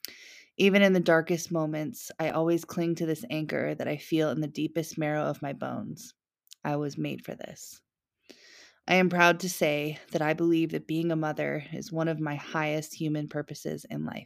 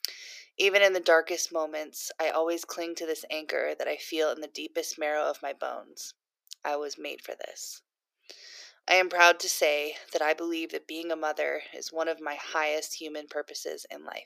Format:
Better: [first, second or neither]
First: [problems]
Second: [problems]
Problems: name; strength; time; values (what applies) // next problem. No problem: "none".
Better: first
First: none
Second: thin; very; fading below 400 Hz